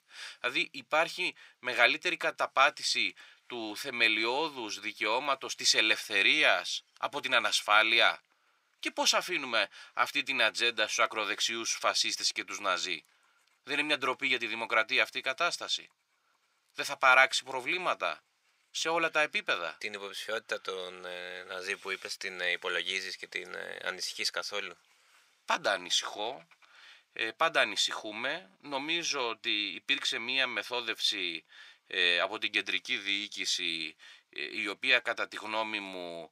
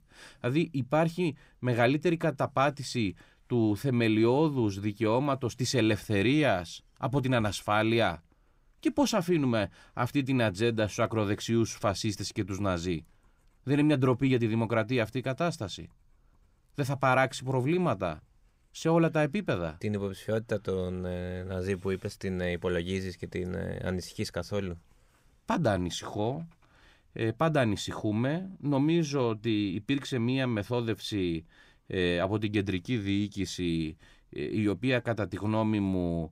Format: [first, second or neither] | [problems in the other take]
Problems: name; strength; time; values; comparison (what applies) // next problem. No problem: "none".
second | thin; very; fading below 700 Hz